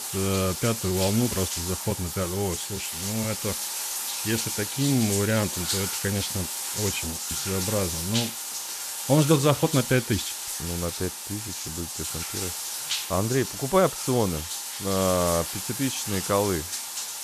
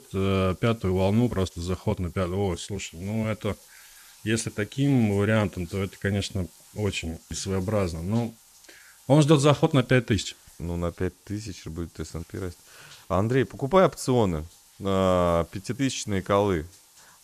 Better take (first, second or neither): second